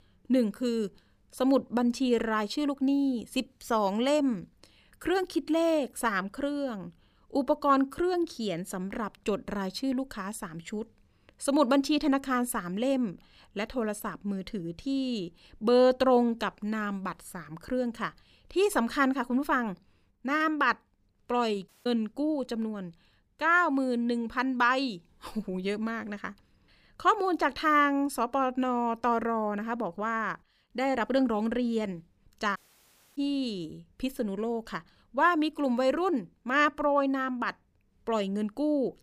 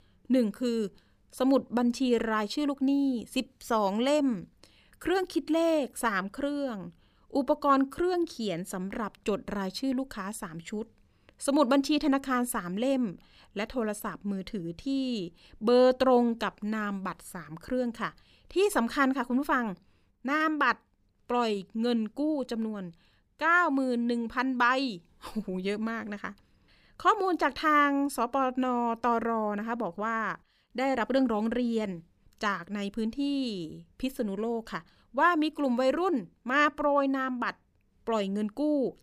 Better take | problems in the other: second | audio cutting out; at 22 s and at 33 s for 0.5 s

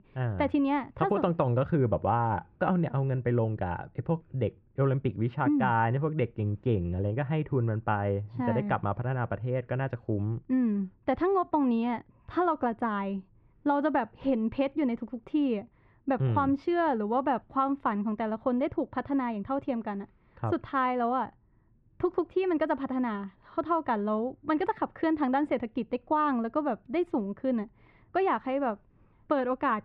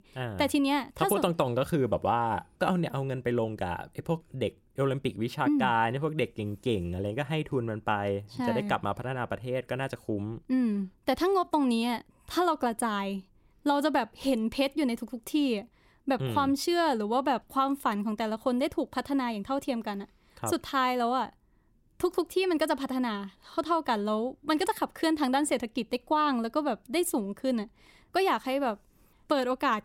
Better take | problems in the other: second | muffled; very; fading above 2 kHz

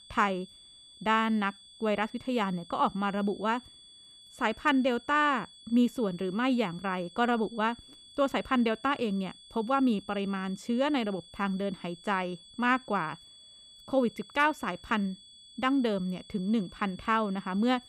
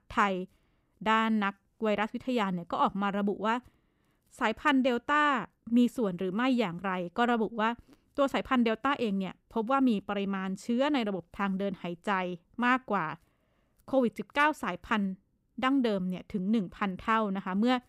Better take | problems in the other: second | high-pitched whine; faint; throughout; 3.5 kHz, 20 dB below the speech

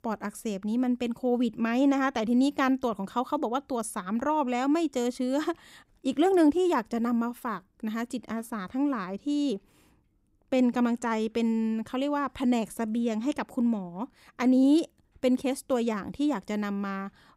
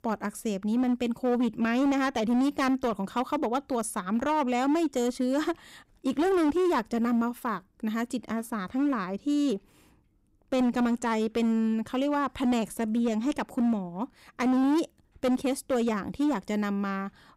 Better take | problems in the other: first | distortion; slight; 12% of the sound clipped

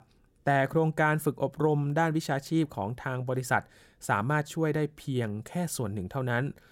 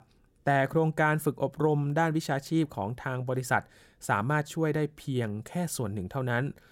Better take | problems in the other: neither | none

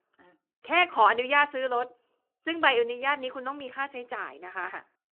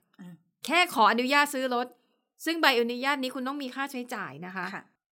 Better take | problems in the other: second | phone-call audio

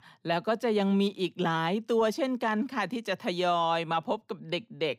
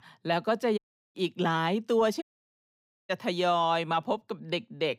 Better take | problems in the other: first | audio cutting out; at 1 s and at 2 s for 1 s

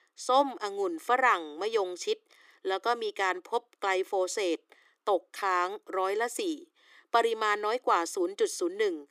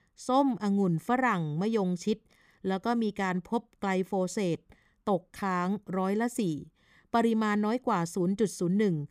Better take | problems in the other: second | thin; very; fading below 300 Hz

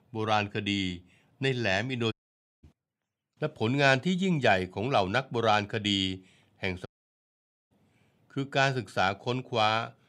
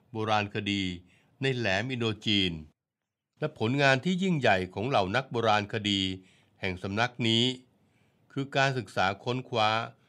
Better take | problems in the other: second | audio cutting out; at 2 s for 0.5 s and at 7 s for 1 s

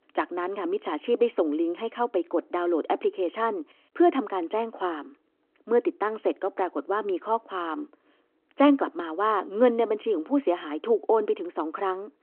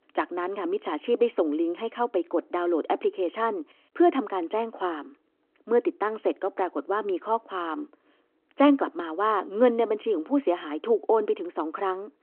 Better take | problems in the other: neither | phone-call audio; the same in both

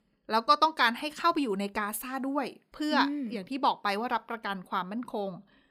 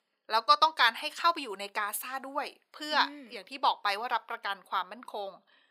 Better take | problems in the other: first | thin; somewhat; fading below 650 Hz

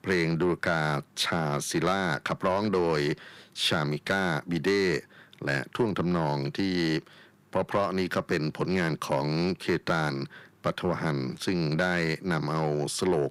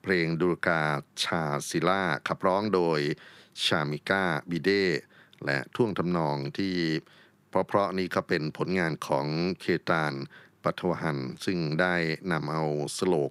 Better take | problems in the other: second | distortion; slight; 10 dB below the speech

